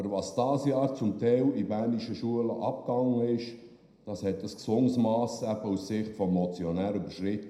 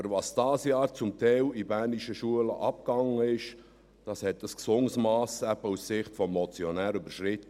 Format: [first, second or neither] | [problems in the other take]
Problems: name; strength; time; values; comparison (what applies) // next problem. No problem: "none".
second | room echo; dies away in 0.8 s